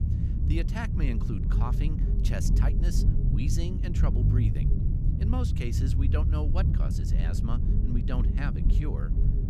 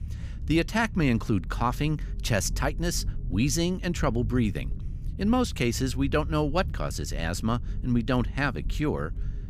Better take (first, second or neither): second